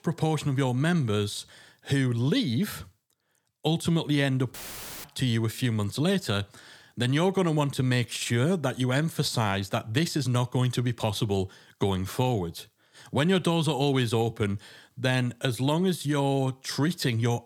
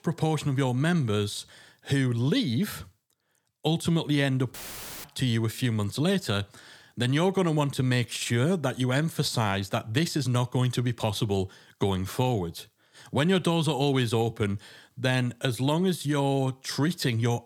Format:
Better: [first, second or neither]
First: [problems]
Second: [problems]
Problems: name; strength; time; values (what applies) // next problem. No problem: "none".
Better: neither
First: audio cutting out; filled with static; at 4.5 s for 0.5 s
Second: audio cutting out; filled with static; at 4.5 s for 0.5 s